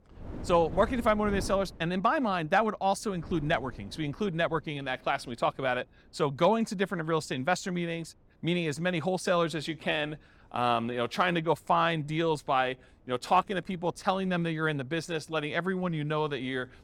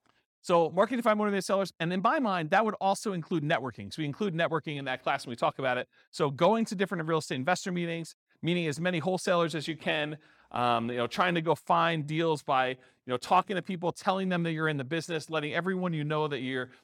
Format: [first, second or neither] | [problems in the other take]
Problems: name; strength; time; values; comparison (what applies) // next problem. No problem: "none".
second | wind noise on the microphone; occasional gusts; 20 dB below the speech